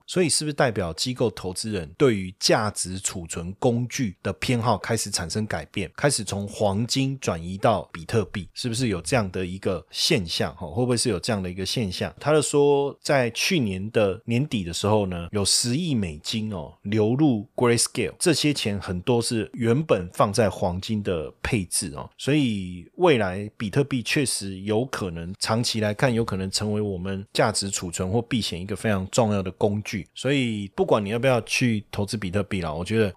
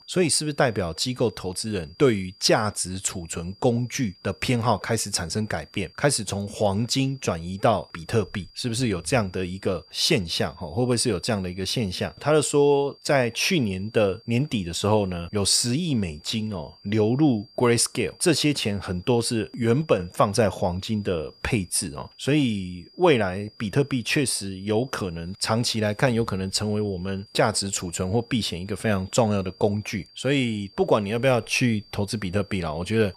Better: first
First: none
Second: high-pitched whine; faint; throughout; 5 kHz, 25 dB below the speech

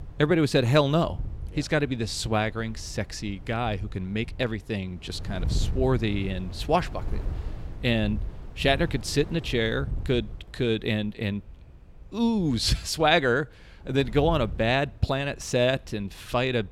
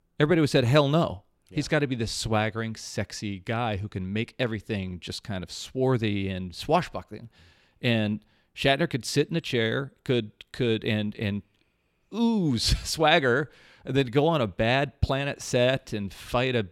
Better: second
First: wind noise on the microphone; occasional gusts; 25 dB below the speech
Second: none

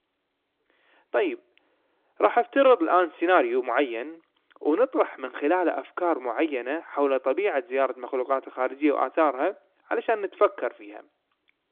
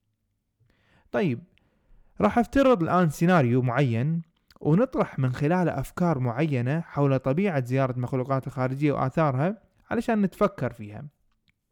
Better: second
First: phone-call audio; nothing above 3.5 kHz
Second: none

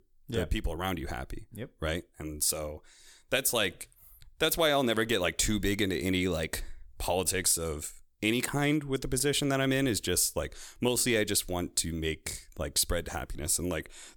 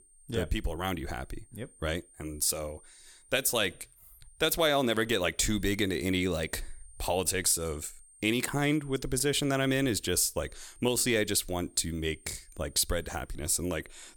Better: first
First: none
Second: high-pitched whine; faint; throughout; 8.5 kHz, 25 dB below the speech

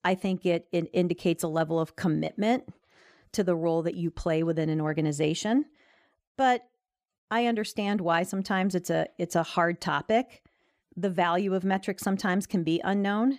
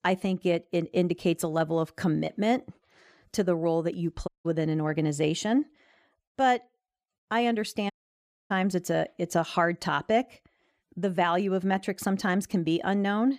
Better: first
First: none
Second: audio cutting out; at 4.5 s and at 8 s for 0.5 s

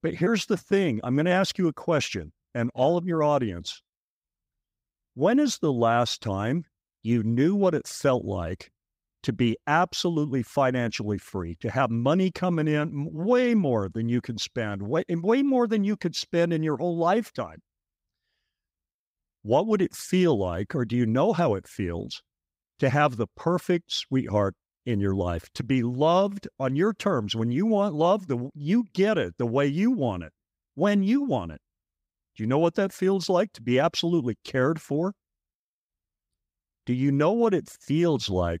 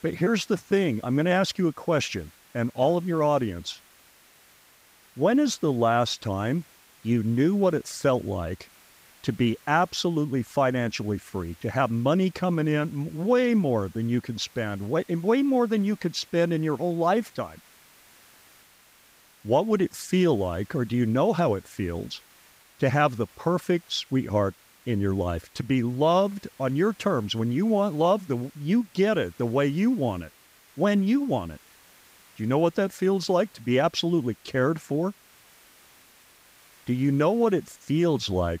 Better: first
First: none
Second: hiss; faint; throughout; 30 dB below the speech

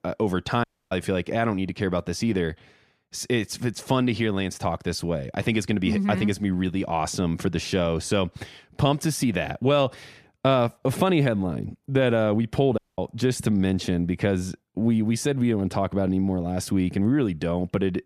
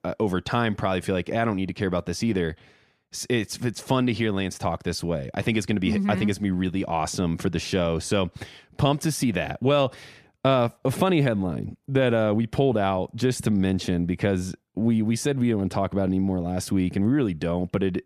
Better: second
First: audio cutting out; at 0.5 s and at 13 s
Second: none

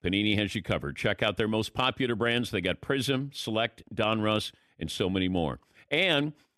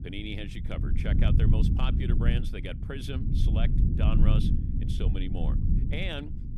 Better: first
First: none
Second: low rumble; loud; throughout; 2 dB below the speech

